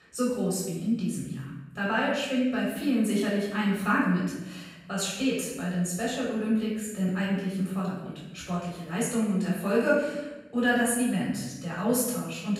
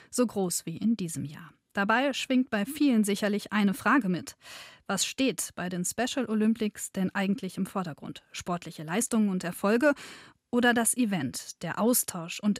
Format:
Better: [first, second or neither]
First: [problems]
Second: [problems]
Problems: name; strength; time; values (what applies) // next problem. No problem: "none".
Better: second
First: off-mic speech; far // room echo; noticeable; dies away in 1 s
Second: none